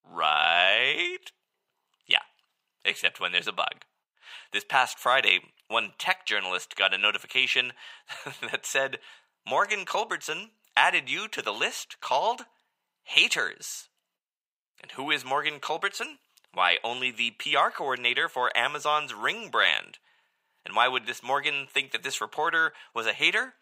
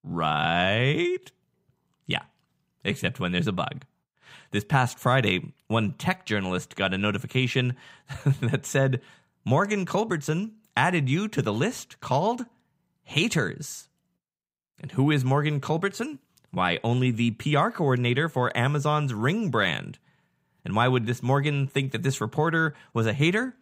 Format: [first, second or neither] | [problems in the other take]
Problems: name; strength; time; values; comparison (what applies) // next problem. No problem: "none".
second | thin; very; fading below 750 Hz